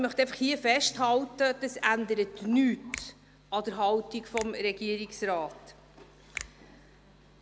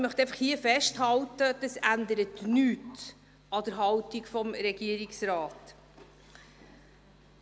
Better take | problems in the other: second | background sound (Finger snapping); 17 dB below the speech

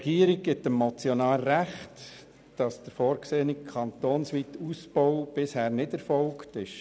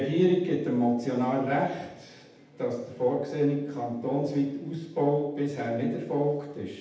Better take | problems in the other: first | room echo; dies away in 0.8 s

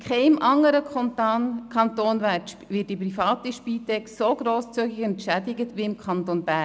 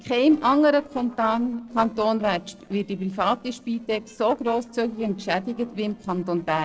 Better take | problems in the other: first | noise reduction (neural separator model SepFormer DNS4)

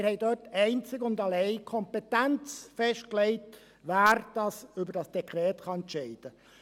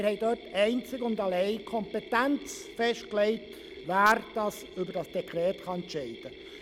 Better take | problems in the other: first | background sound (Mechanisms); 16 dB below the speech

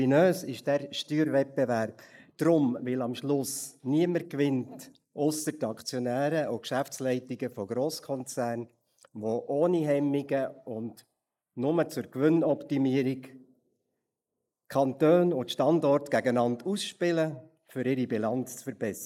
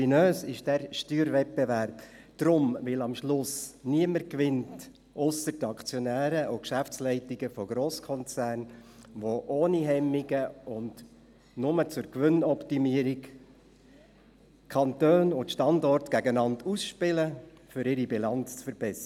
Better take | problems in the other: second | noise reduction (neural mask model Resemble Enhance denoiser)

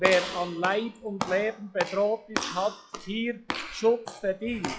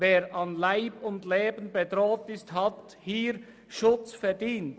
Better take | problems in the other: second | noise reduction (classical method log-MMSE)

